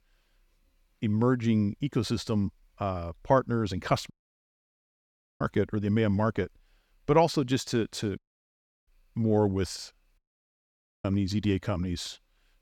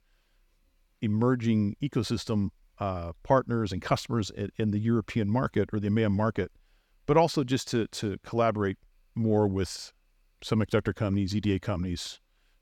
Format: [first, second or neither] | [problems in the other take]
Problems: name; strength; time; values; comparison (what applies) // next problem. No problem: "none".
second | audio cutting out; at 4 s for 1.5 s, at 8 s for 0.5 s and at 10 s for 1 s